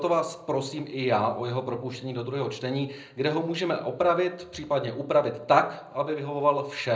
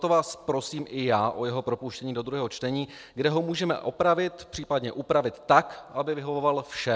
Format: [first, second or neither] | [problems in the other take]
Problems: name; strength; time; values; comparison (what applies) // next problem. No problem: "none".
second | room echo; dies away in 0.4 s